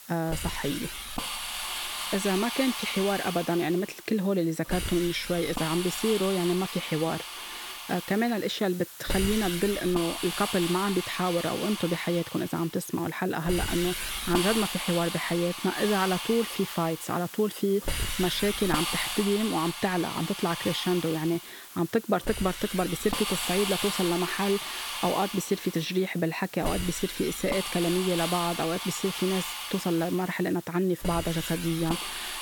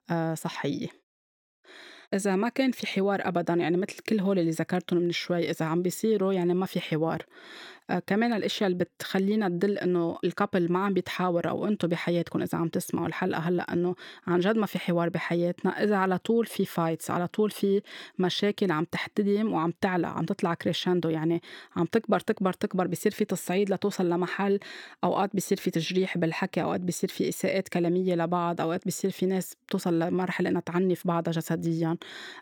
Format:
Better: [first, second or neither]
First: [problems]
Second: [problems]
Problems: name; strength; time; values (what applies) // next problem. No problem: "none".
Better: second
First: hiss; loud; throughout; 5 dB below the speech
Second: none